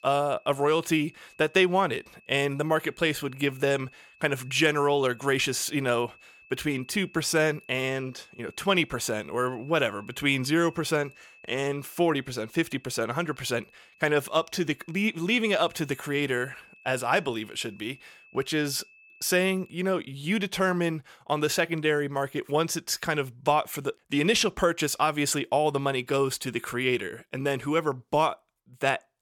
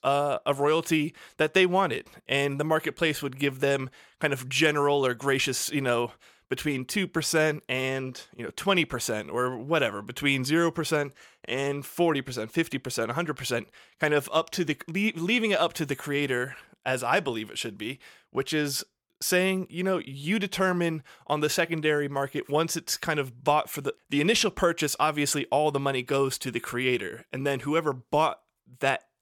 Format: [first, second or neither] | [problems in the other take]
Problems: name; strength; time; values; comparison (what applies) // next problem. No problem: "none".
second | high-pitched whine; faint; until 20 s; 2.5 kHz, 25 dB below the speech